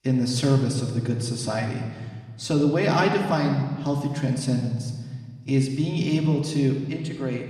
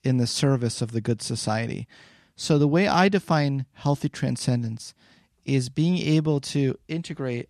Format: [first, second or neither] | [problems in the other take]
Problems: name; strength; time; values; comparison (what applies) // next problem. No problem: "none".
second | room echo; noticeable; dies away in 1.3 s // off-mic speech; somewhat distant